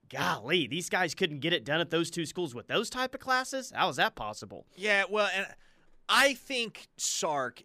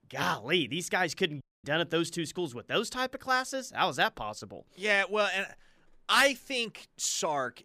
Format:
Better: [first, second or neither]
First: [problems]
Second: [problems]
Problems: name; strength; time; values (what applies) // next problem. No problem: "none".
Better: first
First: none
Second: audio cutting out; at 1.5 s